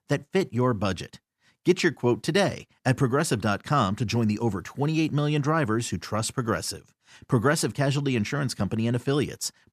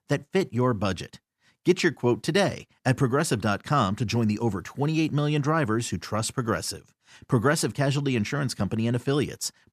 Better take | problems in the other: neither | none

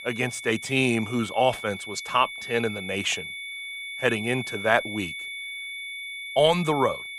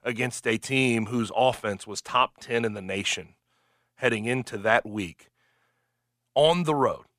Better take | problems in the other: second | high-pitched whine; loud; throughout; 2 kHz, 9 dB below the speech

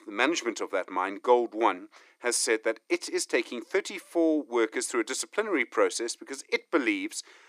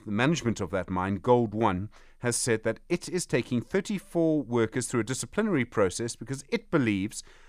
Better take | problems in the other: second | thin; somewhat; fading below 300 Hz

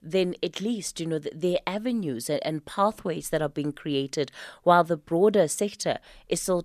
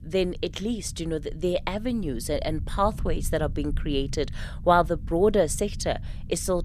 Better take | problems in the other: first | low rumble; faint; throughout; 25 dB below the speech

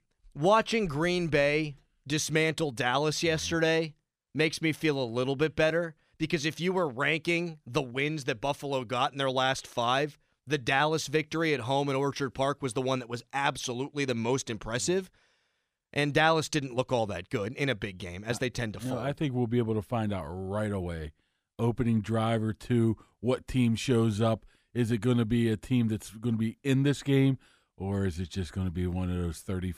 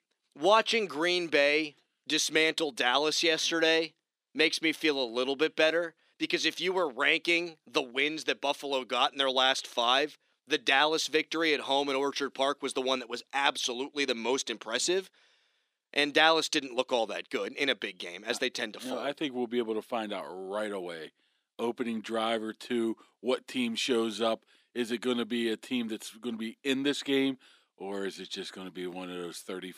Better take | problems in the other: first | thin; somewhat; fading below 250 Hz

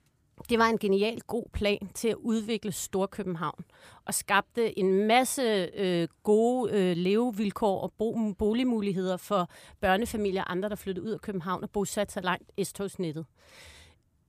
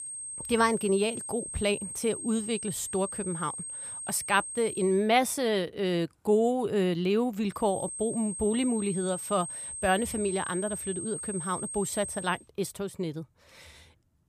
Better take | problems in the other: first | high-pitched whine; loud; until 5 s and from 7.5 to 12 s; 8.5 kHz, 7 dB below the speech

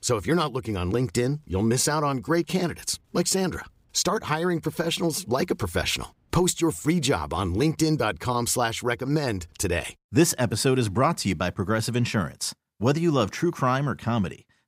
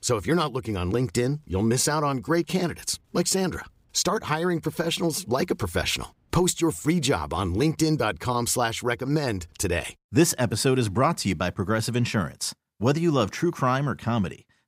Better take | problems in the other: neither | none

